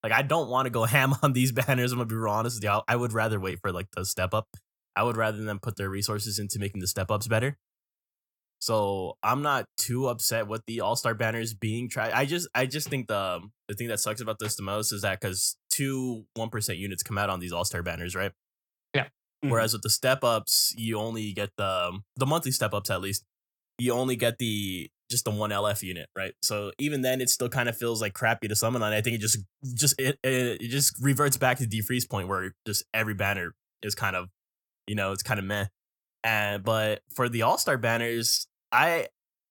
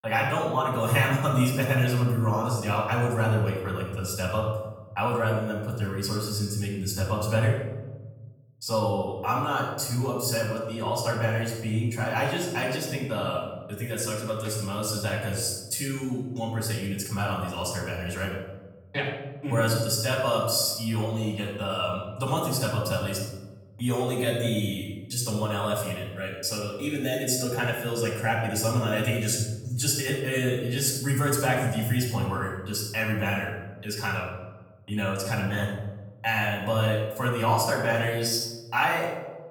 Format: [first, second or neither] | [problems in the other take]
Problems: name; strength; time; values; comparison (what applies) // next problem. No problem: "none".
first | room echo; noticeable; dies away in 1 s // off-mic speech; far